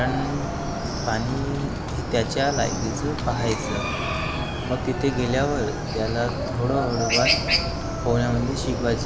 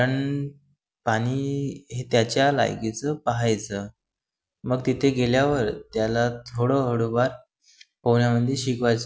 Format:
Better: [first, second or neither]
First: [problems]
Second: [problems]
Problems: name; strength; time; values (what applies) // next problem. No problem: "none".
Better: second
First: background sound (Chicken, rooster); as loud as the speech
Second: none